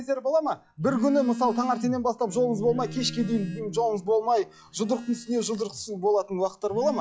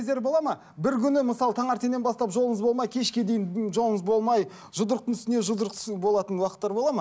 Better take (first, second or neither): second